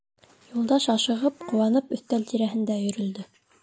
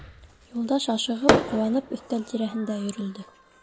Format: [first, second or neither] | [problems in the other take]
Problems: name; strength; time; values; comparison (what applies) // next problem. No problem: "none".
first | background sound (Fireworks); 1 dB below the speech